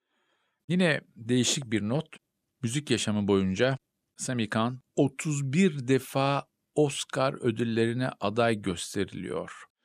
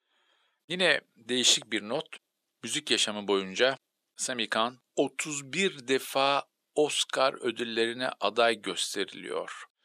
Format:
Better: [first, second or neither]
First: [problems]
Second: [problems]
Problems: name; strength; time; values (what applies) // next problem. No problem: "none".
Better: first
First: none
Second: thin; somewhat; fading below 450 Hz